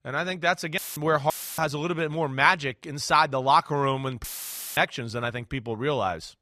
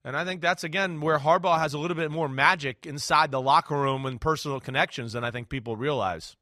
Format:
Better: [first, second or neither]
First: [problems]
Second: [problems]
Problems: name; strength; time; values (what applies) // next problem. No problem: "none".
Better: second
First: audio cutting out; filled with static; at 1 s, at 1.5 s and at 4 s for 0.5 s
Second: none